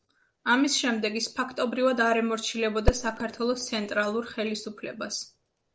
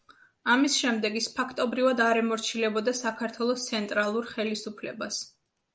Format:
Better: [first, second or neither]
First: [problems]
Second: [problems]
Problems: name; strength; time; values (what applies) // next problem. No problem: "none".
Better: second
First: noise reduction (neural separator model SepFormer DNS4)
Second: none